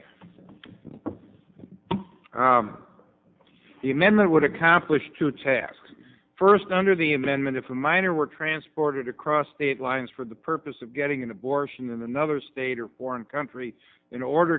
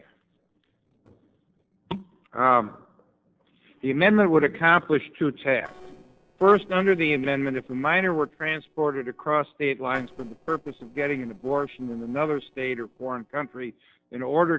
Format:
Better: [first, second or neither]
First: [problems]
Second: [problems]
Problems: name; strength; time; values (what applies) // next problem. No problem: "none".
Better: first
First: none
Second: noise reduction (neural separator model SepFormer DNS4)